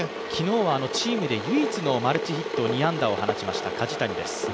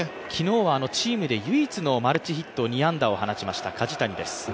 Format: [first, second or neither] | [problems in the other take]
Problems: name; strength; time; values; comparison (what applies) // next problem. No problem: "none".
second | background sound (Boiling / Water); 4 dB below the speech